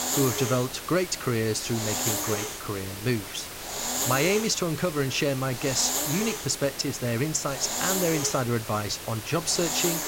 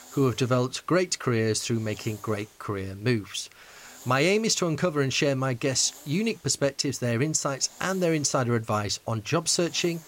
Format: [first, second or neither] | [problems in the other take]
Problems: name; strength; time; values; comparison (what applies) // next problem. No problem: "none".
second | hiss; loud; throughout; 3 dB below the speech; faint in the second